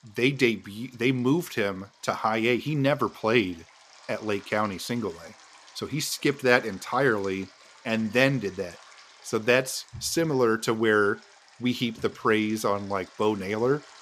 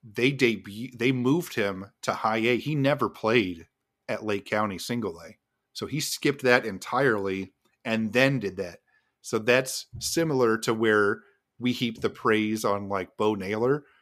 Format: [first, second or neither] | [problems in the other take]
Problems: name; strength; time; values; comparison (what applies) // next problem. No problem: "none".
second | rain or running water; faint; throughout; 25 dB below the speech